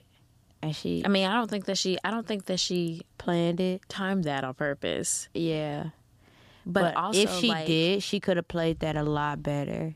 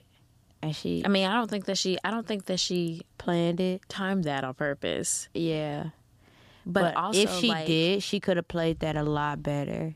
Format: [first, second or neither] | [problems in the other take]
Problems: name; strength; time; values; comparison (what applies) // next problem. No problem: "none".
neither | none